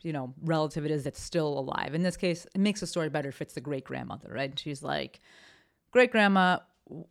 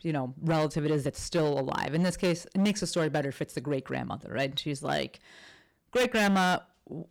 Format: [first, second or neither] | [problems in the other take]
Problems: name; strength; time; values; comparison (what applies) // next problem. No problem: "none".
first | distortion; heavy; 9% of the sound clipped